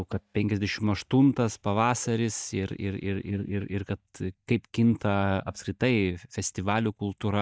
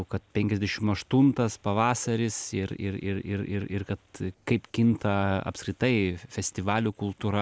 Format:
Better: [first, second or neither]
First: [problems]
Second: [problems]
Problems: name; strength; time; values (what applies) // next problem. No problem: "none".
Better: second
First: noise reduction (neural mask model DeepFilterNet 3)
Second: none